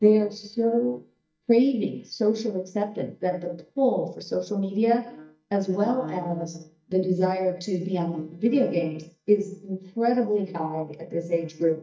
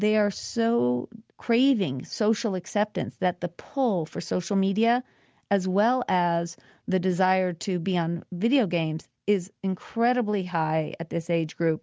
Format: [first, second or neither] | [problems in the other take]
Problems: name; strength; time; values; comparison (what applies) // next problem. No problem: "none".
second | noise reduction (neural mask model DeepFilterNet 3)